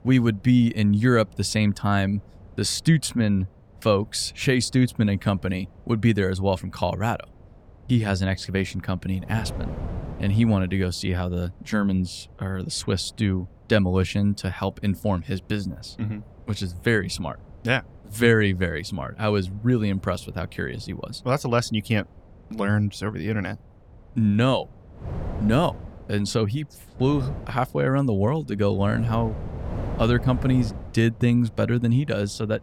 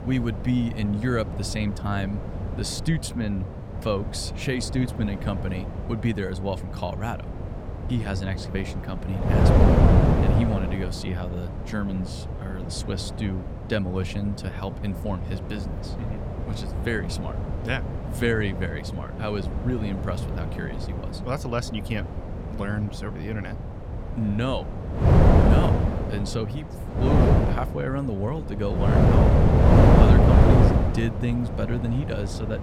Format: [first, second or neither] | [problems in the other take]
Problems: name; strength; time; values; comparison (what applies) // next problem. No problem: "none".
first | wind noise on the microphone; heavy; 2 dB above the speech; occasional gusts in the first